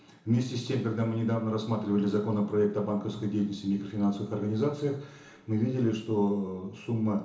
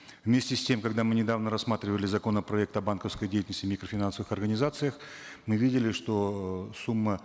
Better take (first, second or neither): second